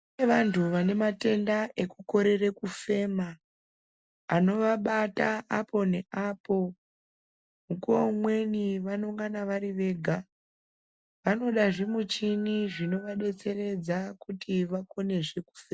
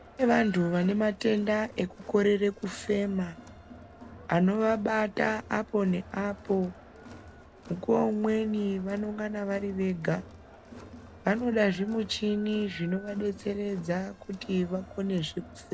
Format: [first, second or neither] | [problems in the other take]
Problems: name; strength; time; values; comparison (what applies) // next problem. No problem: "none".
first | background sound (Crowd); 19 dB below the speech